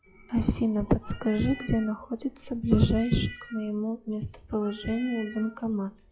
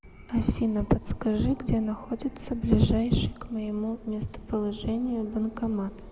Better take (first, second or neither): second